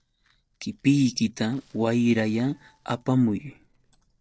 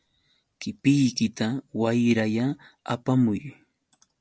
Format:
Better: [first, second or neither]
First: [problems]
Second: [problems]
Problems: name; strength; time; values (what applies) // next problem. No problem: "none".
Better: second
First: noise reduction (neural separator model SepFormer DNS4)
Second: none